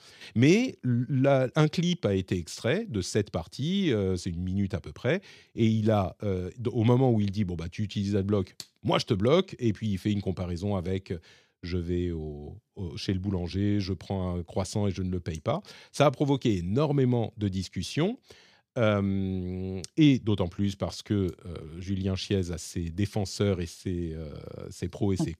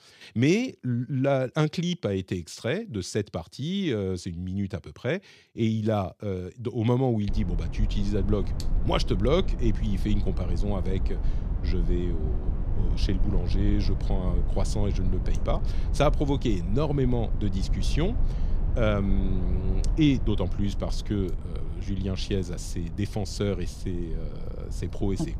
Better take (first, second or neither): first